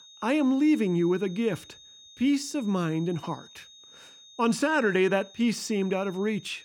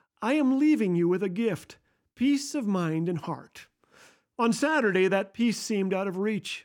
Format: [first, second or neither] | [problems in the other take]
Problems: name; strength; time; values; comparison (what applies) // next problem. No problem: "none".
second | high-pitched whine; faint; throughout; 3.5 kHz, 20 dB below the speech